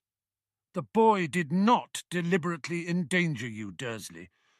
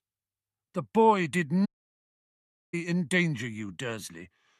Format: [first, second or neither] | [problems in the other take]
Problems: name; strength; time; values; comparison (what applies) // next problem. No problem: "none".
first | audio cutting out; at 1.5 s for 1 s